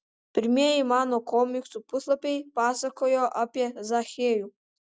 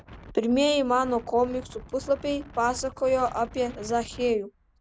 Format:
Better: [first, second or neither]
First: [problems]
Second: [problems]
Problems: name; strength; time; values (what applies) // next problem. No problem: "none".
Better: first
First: none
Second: background sound (Wind); 18 dB below the speech